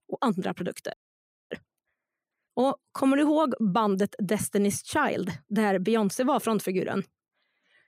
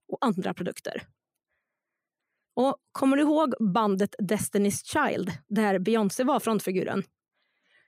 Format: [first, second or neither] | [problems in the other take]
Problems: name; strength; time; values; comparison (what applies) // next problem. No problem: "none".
second | audio freezing; at 1 s for 0.5 s